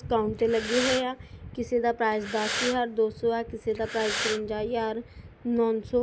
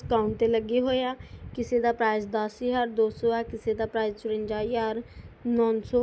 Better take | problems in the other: second | background sound (Breathing); 6 dB below the speech

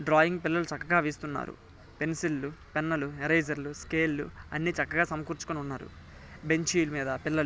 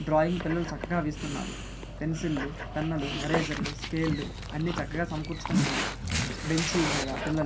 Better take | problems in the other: first | background sound (Dog); 2 dB below the speech // room echo; dies away in 0.3 s

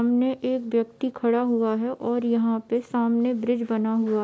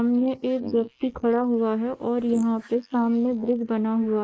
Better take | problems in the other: first | noise reduction (neural mask model Resemble Enhance denoiser)

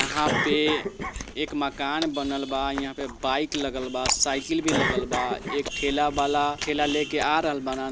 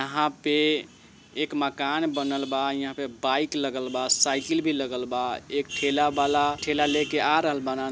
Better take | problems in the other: second | background sound (Cough + Chewing, mastication); 6 dB below the speech

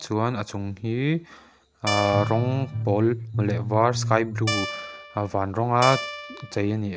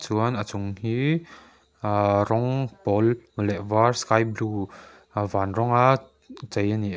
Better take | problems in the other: second | background sound (Guitar + Bass guitar); 4 dB below the speech

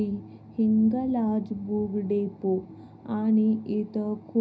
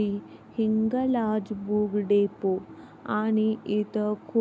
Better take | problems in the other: second | room echo; dies away in 0.4 s

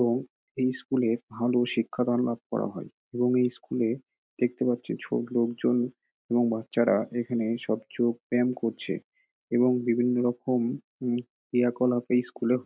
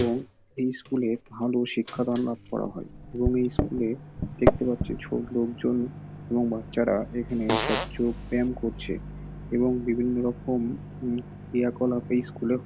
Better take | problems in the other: first | background sound (Fart + Microwave oven); 6 dB below the speech

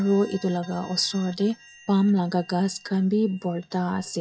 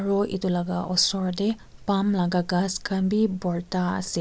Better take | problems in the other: second | noise reduction (classical method WPE with log-MMSE)

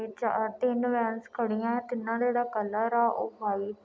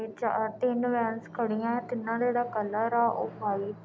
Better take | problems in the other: first | background sound (Drum); 18 dB below the speech

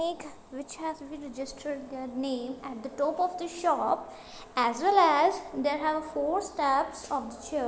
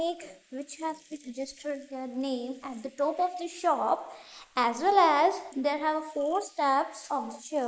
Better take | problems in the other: first | noise reduction (neural mask model Resemble Enhance denoiser)

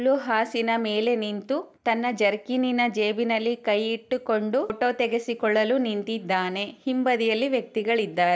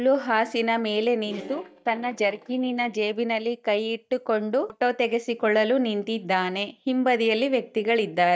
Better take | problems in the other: first | noise reduction (neural mask model DeepFilterNet 3)

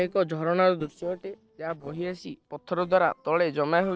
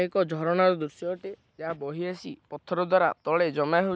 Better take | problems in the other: second | noise reduction (neural separator model SepFormer DNS4)

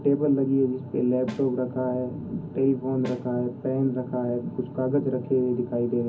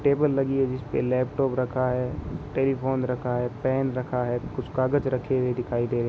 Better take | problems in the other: second | background sound (Snare drum); 17 dB below the speech // room echo; dies away in 0.4 s

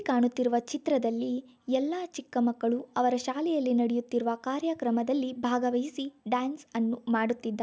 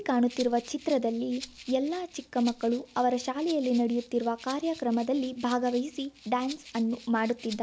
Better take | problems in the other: first | background sound (Rattle (instrument)); 19 dB below the speech

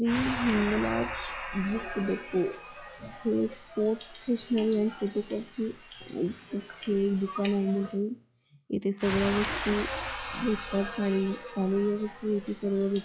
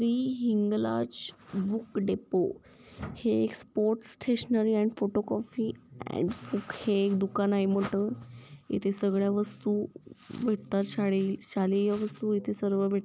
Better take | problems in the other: second | noise reduction (classical method log-MMSE)

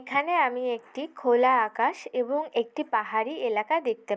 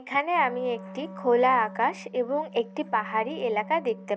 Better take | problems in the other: first | background sound (Wind instrument, woodwind instrument); 16 dB below the speech

